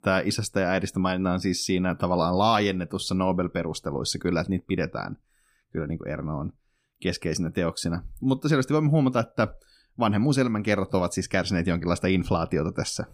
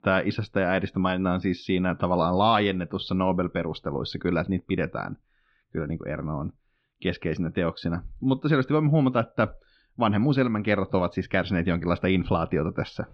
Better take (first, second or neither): first